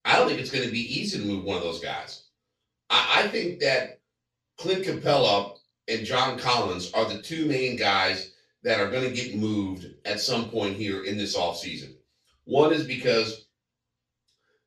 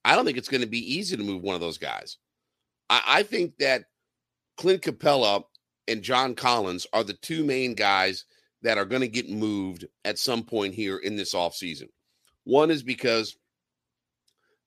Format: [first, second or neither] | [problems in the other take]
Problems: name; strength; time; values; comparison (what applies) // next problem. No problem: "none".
second | room echo; noticeable; dies away in 0.3 s // off-mic speech; far